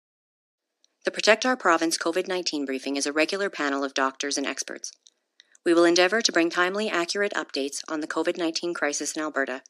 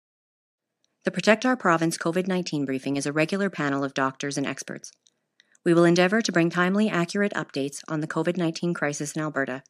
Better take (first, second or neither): second